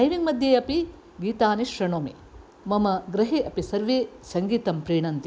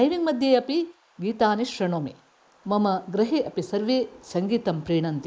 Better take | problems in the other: first | noise reduction (neural mask model Resemble Enhance denoiser)

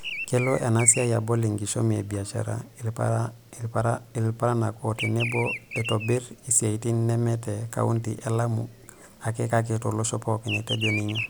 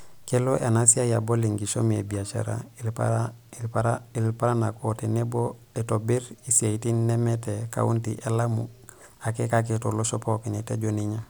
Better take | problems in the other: second | background sound (Bird vocalization, bird call, bird song); 12 dB below the speech

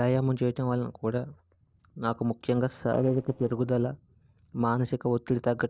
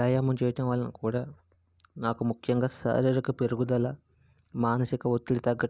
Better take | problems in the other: second | noise reduction (neural separator model SepFormer DNS4)

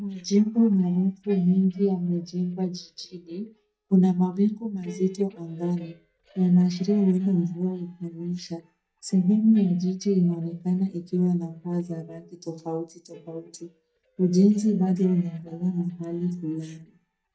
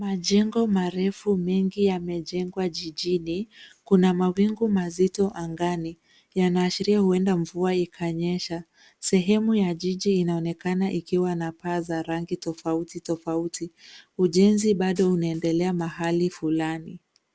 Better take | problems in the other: second | noise reduction (neural mask model DeepFilterNet 3)

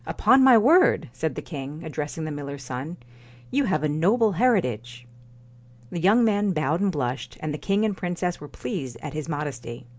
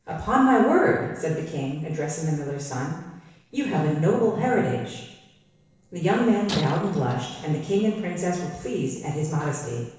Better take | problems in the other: first | noise reduction (neural separator model SepFormer DNS4)

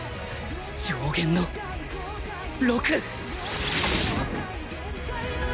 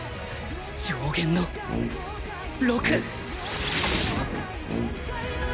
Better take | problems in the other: first | background sound (Brass instrument); 5 dB below the speech

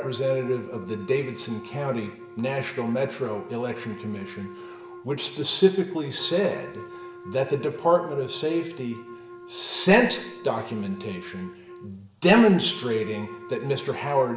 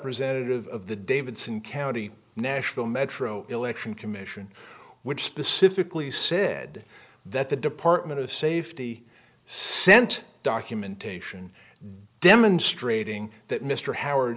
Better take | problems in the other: second | background sound (Wind instrument, woodwind instrument); 16 dB below the speech // room echo; dies away in 0.8 s

